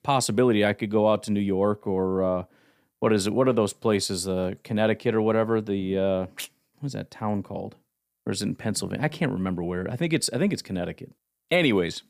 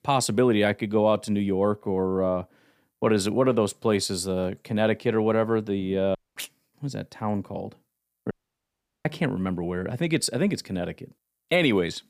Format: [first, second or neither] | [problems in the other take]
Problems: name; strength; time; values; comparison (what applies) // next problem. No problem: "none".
first | audio cutting out; at 6 s and at 8.5 s for 0.5 s